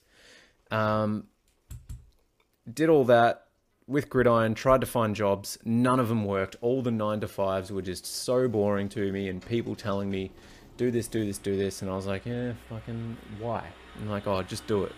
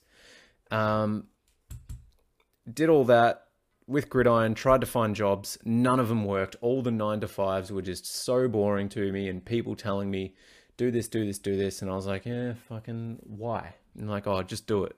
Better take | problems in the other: second | traffic noise; faint; throughout; 25 dB below the speech

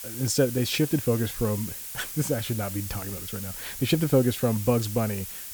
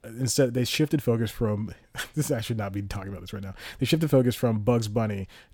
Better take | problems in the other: second | hiss; loud; throughout; 8 dB below the speech

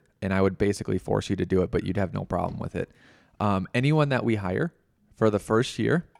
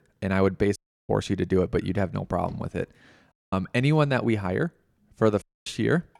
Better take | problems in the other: first | audio cutting out; at 1 s, at 3.5 s and at 5.5 s

